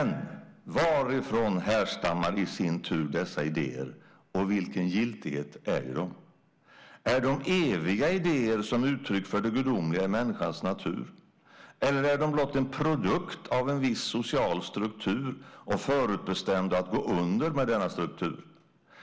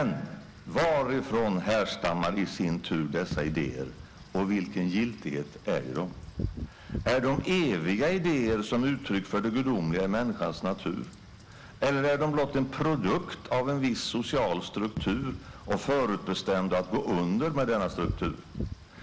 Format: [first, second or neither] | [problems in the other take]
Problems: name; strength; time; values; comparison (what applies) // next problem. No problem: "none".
first | background sound (Wind / Rain); 14 dB below the speech